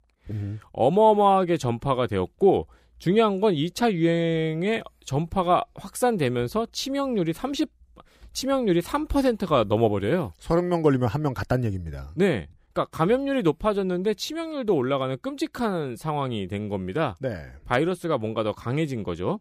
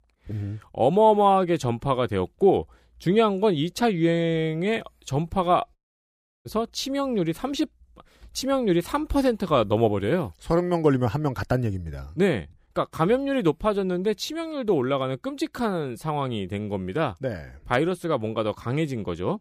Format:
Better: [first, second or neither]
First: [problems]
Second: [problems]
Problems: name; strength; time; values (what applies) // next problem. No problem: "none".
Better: first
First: none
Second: audio cutting out; at 6 s for 0.5 s